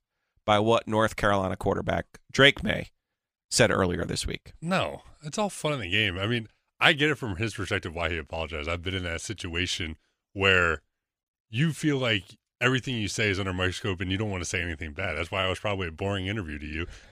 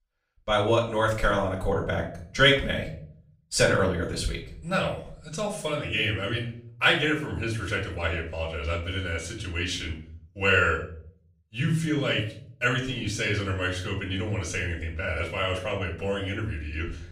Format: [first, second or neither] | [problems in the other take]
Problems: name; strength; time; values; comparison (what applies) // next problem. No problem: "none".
first | room echo; slight; dies away in 0.4 s // off-mic speech; far